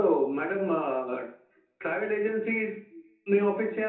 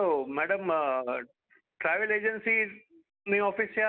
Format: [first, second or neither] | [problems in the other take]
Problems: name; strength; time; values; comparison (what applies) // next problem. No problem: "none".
second | room echo; dies away in 0.6 s